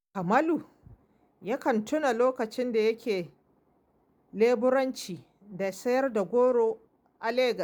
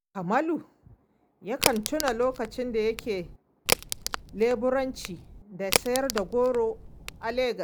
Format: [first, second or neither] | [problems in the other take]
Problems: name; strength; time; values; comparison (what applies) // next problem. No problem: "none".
first | background sound (Crack); 4 dB below the speech